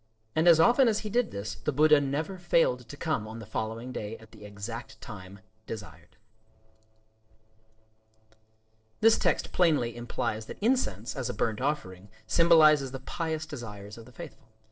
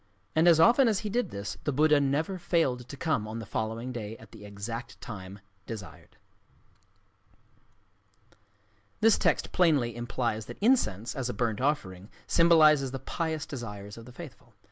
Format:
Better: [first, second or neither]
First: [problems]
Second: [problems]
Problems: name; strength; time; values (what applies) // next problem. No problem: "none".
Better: second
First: noise reduction (neural separator model SepFormer DNS4)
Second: none